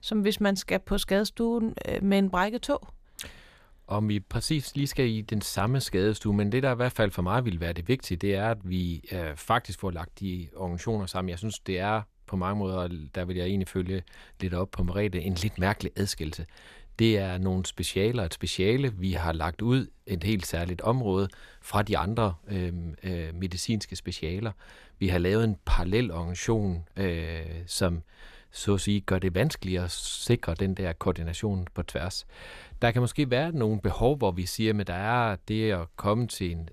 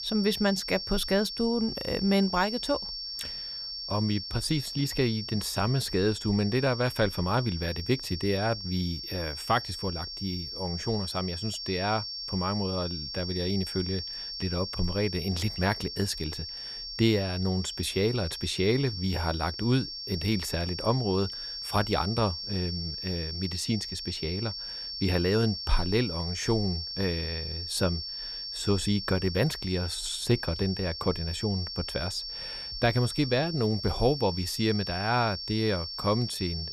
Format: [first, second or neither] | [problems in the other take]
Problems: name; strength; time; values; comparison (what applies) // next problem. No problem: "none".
first | high-pitched whine; loud; throughout; 5.5 kHz, 5 dB below the speech